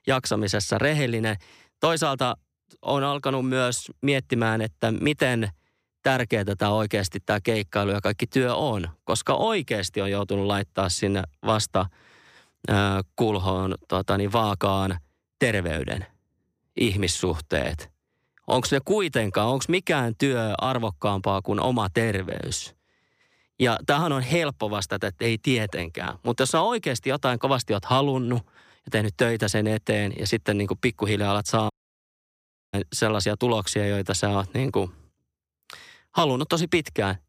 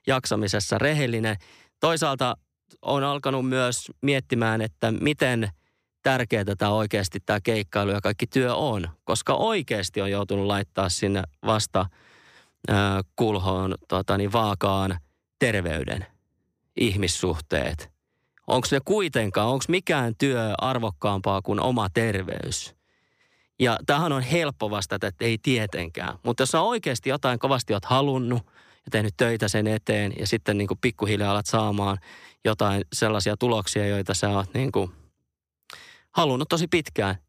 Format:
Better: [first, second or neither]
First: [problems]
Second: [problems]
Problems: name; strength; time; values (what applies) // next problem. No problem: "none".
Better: second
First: audio cutting out; at 32 s for 1 s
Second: none